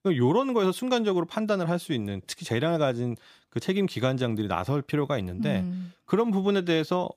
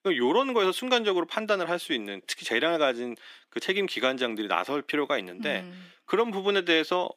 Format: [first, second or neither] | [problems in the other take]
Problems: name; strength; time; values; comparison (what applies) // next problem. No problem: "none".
first | thin; somewhat; fading below 250 Hz